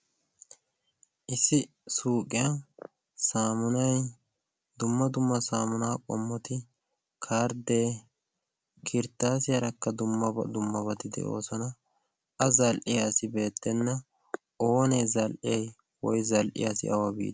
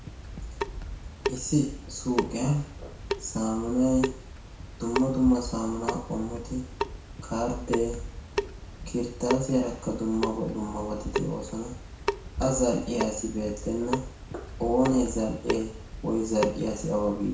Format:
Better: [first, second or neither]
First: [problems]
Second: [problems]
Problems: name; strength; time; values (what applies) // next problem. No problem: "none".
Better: first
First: none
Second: background sound (Drip / Sink (filling or washing) / Water tap, faucet); 6 dB below the speech // room echo; dies away in 0.6 s